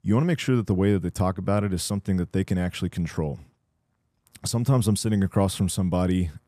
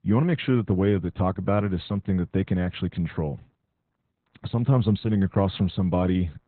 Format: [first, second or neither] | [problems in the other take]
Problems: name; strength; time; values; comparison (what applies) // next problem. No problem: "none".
first | garbled, watery; badly; nothing above 4 kHz